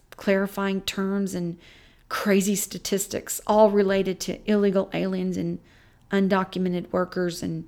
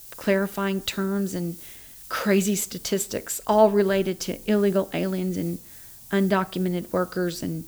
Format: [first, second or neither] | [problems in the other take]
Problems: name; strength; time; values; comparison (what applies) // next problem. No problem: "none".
first | hiss; noticeable; throughout; 20 dB below the speech